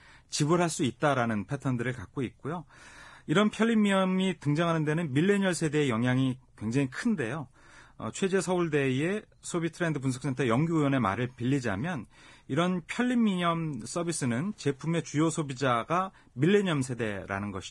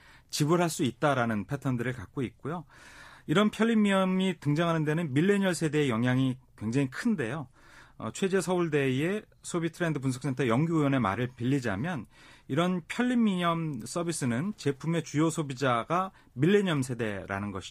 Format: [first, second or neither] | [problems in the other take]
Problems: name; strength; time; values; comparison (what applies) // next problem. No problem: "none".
second | garbled, watery; badly; nothing above 10.5 kHz; slightly in the second